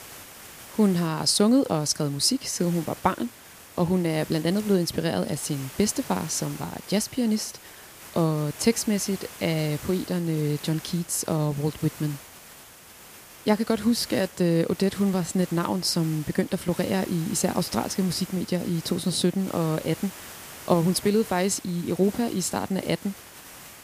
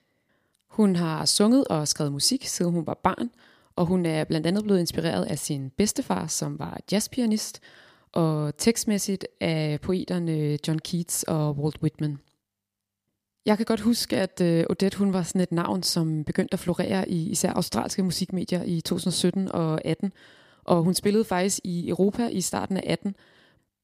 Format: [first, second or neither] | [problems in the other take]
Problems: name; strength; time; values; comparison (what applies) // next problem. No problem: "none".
second | hiss; noticeable; throughout; 15 dB below the speech